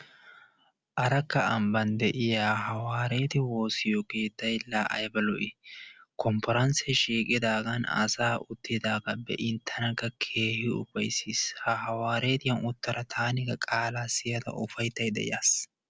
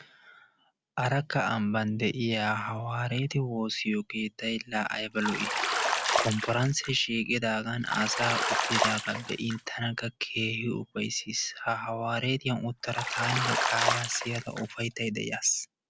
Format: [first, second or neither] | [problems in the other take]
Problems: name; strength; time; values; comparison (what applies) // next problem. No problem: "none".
first | background sound (Bathtub (filling or washing)); 1 dB below the speech